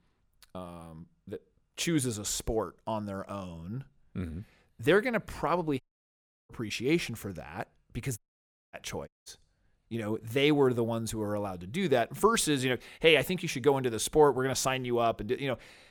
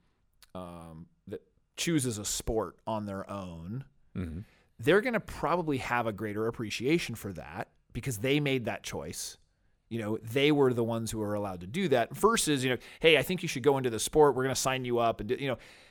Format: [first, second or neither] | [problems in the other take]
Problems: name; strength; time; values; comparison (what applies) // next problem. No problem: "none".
second | audio cutting out; at 6 s for 0.5 s, at 8 s for 0.5 s and at 9 s